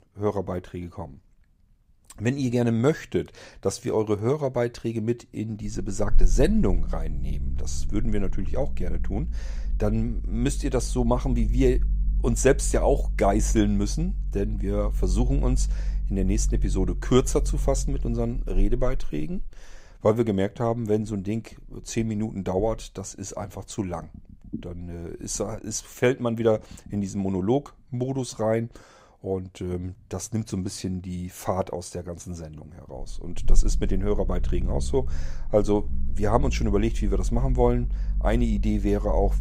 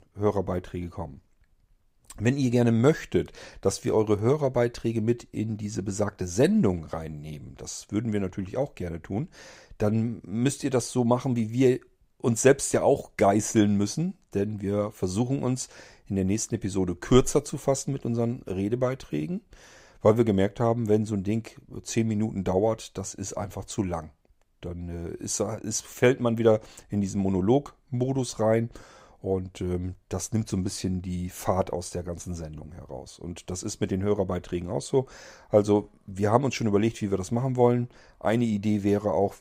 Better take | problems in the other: second | low rumble; faint; throughout; 20 dB below the speech

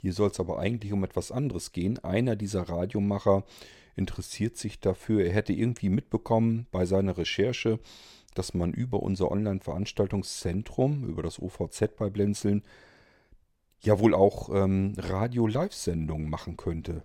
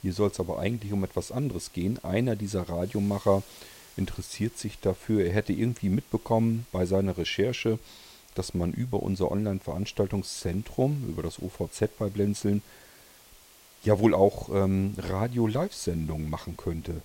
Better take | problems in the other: first | hiss; faint; throughout; 25 dB below the speech

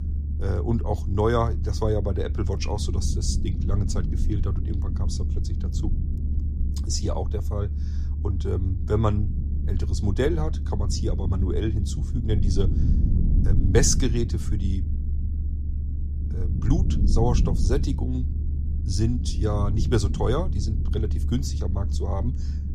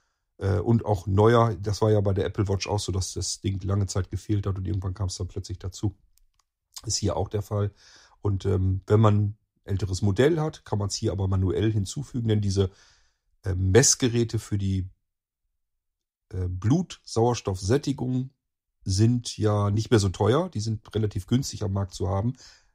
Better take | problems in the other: second | low rumble; noticeable; throughout; 10 dB below the speech

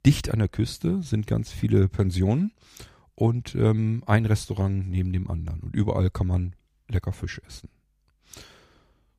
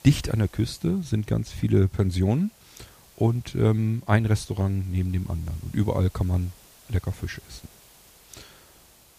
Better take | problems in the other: first | hiss; faint; throughout; 25 dB below the speech

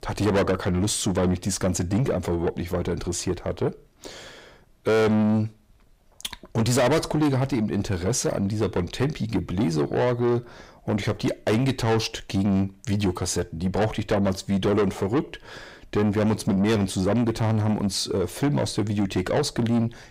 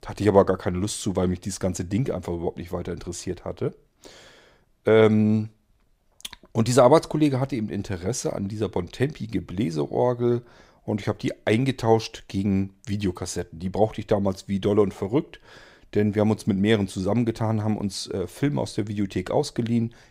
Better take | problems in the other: second | distortion; heavy; 6 dB below the speech

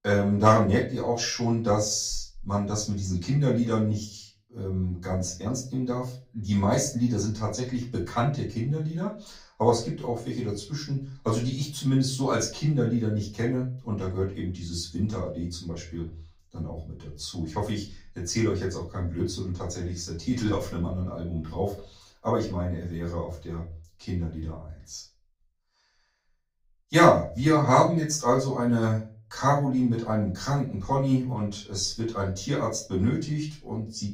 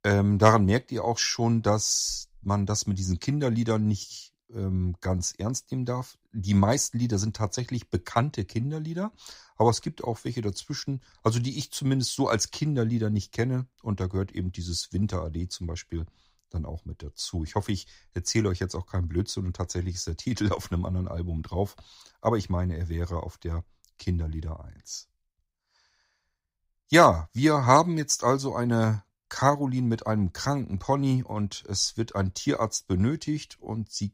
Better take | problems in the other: second | off-mic speech; far // room echo; slight; dies away in 0.3 s

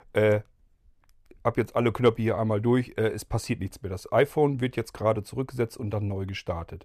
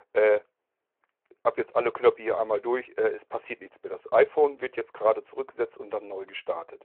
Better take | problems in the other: first | phone-call audio

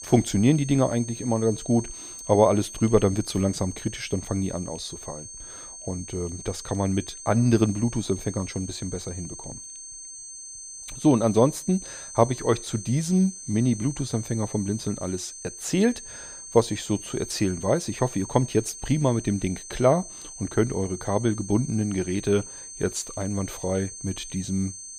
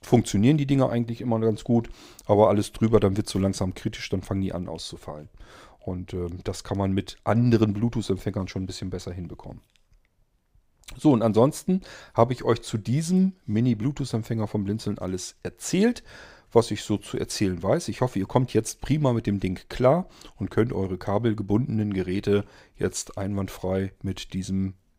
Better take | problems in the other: second | high-pitched whine; noticeable; throughout; 6.5 kHz, 10 dB below the speech

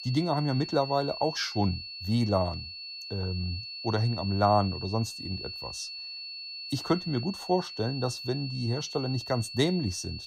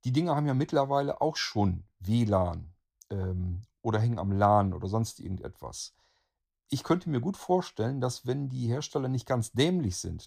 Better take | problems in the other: second | high-pitched whine; loud; throughout; 4.5 kHz, 8 dB below the speech

